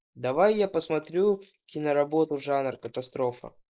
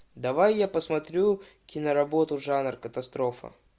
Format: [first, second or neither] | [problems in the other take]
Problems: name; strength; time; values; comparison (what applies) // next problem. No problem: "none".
second | noise reduction (neural mask model Resemble Enhance denoiser)